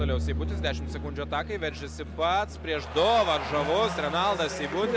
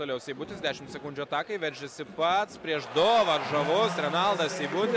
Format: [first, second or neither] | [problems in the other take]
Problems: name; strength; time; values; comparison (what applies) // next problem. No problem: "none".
second | background sound (Bowed string instrument); 7 dB below the speech